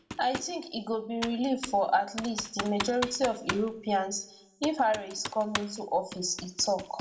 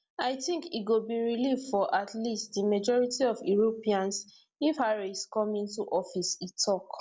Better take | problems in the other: second | background sound (Computer keyboard); 10 dB below the speech // room echo; dies away in 0.4 s

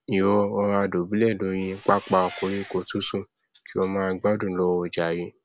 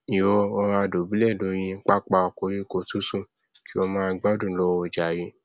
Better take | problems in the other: second | background sound (Engine); 18 dB below the speech

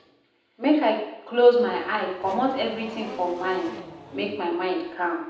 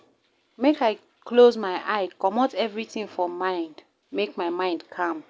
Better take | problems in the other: second | background sound (Race car, auto racing / Accelerating, revving, vroom); 17 dB below the speech // room echo; dies away in 0.8 s

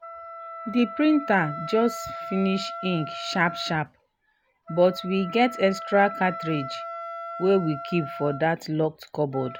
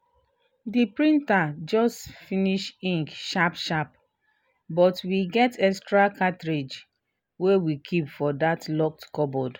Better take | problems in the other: second | background sound (Wind instrument, woodwind instrument); 11 dB below the speech

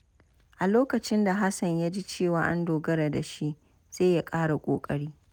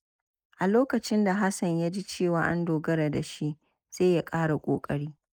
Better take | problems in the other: first | noise reduction (neural mask model Resemble Enhance denoiser)

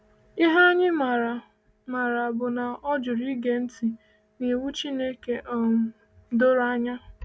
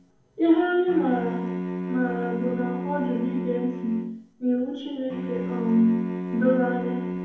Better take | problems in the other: first | background sound (Bowed string instrument); 6 dB below the speech // room echo; dies away in 2 s

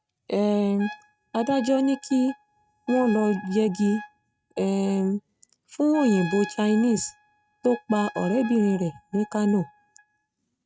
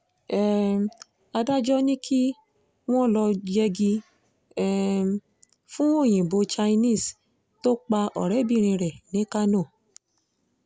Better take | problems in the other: second | noise reduction (neural mask model RNNoise)

